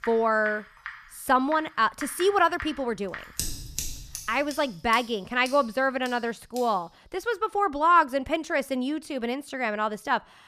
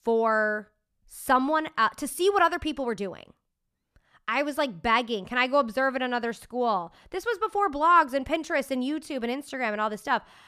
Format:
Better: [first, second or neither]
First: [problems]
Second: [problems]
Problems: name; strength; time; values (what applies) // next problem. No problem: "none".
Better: second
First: household noises; noticeable; until 6.5 s; 15 dB below the speech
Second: none